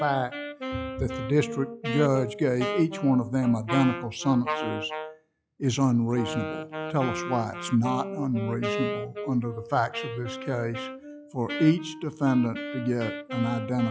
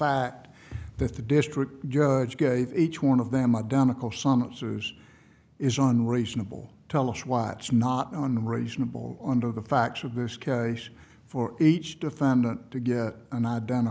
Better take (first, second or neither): second